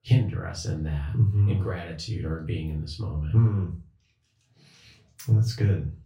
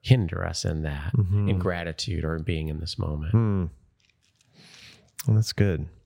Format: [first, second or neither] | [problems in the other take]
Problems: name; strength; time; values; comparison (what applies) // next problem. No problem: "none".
second | room echo; slight; dies away in 0.3 s // off-mic speech; far